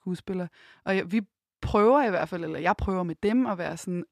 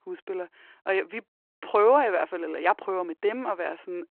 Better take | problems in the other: first | phone-call audio

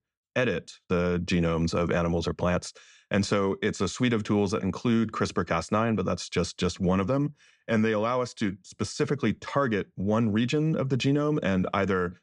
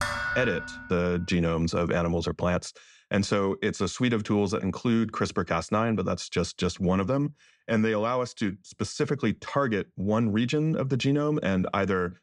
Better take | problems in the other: first | clattering dishes; noticeable; at the start; peak 1 dB below the speech

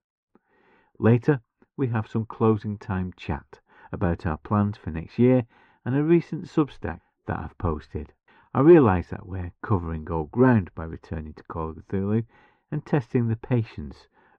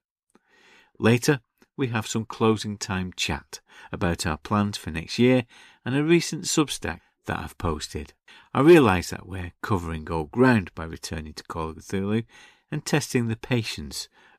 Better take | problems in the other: second | muffled; very; fading above 1.5 kHz

